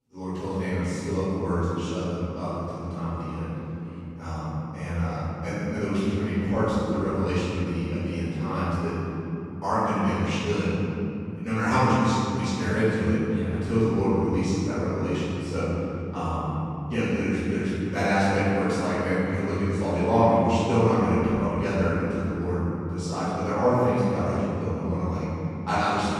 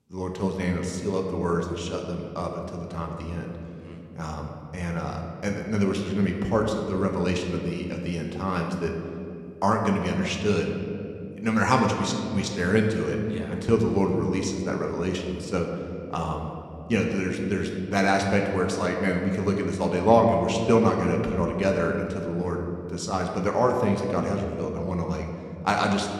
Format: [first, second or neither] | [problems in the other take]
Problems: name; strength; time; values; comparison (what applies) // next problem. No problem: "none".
second | room echo; strong; dies away in 3 s; slight in the second // off-mic speech; far